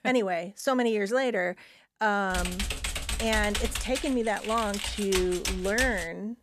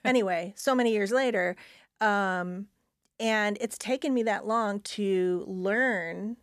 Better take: second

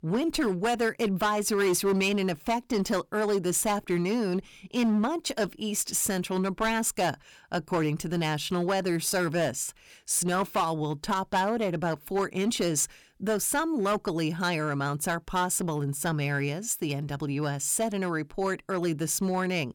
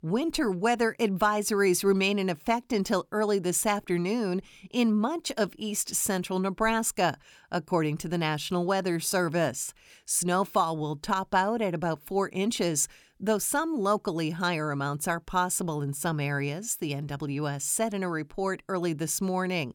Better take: second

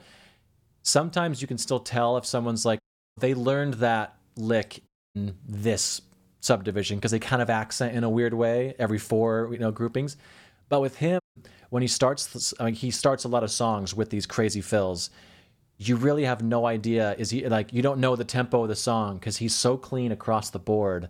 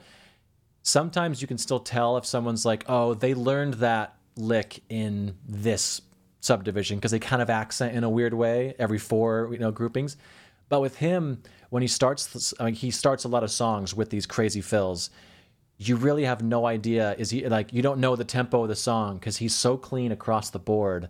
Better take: second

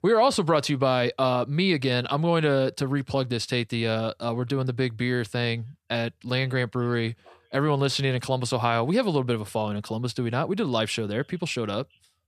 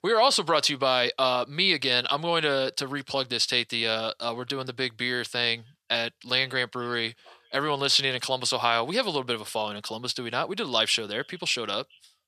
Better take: first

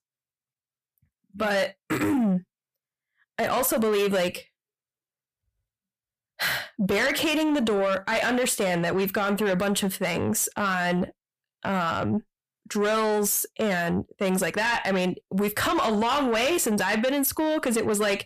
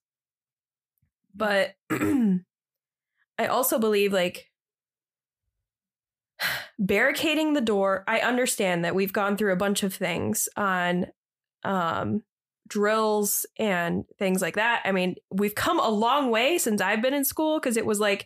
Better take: second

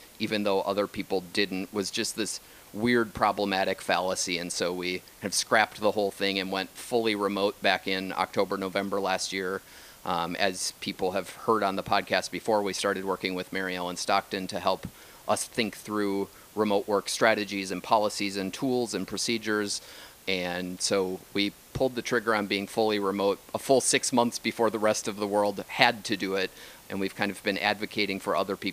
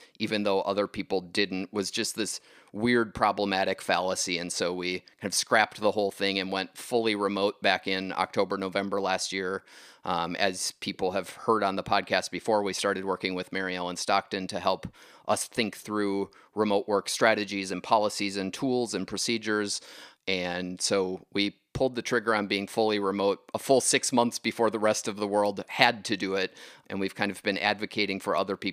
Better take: second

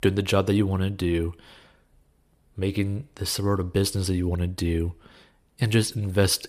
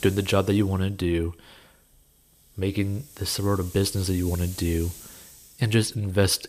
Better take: first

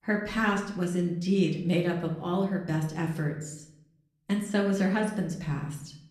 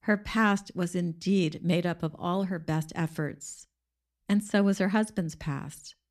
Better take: second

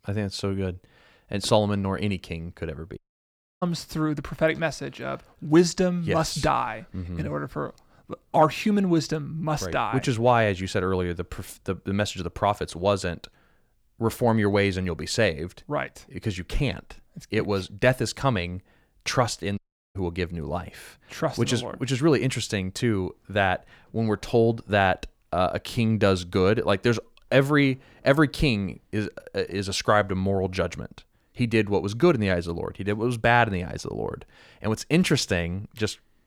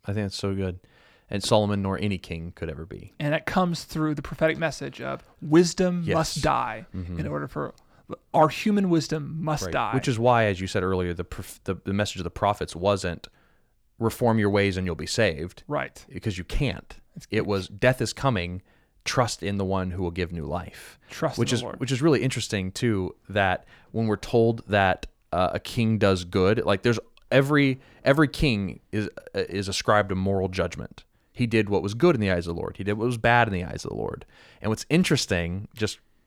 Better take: second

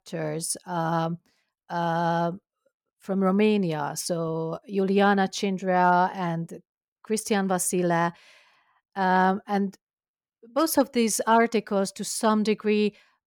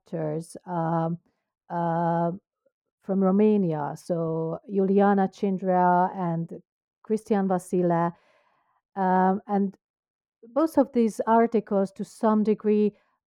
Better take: first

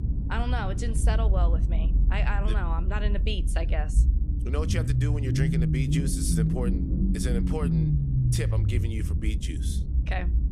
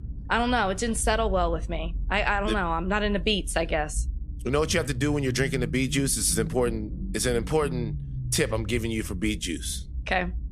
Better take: second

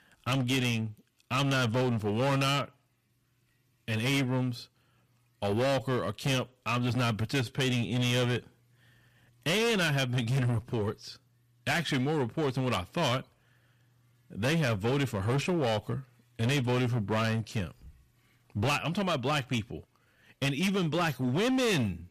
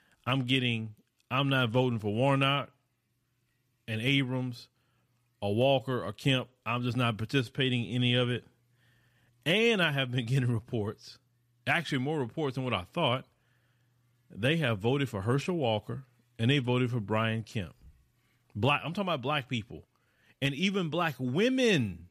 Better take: second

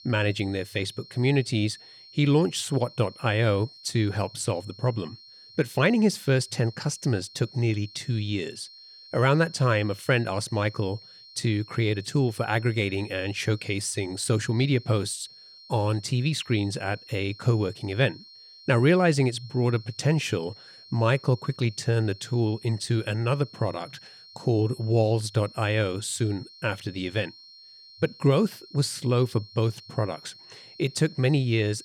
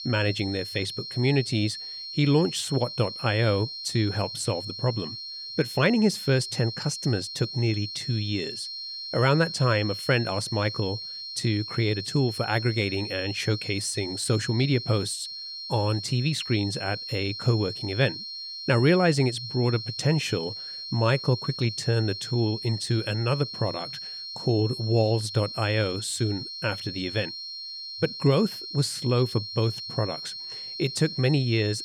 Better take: first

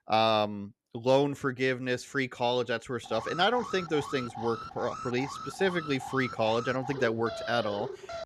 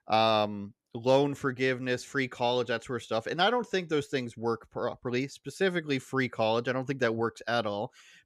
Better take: second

